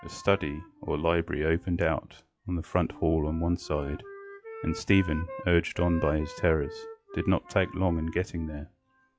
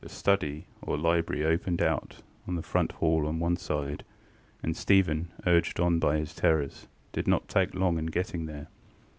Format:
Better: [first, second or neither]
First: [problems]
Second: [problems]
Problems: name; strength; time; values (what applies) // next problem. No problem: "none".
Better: second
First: noise reduction (classical method log-MMSE)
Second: none